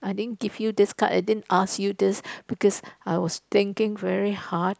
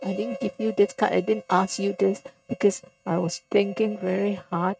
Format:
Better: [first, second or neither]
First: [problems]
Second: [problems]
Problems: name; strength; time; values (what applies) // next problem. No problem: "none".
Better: first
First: none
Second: noise reduction (neural mask model RNNoise)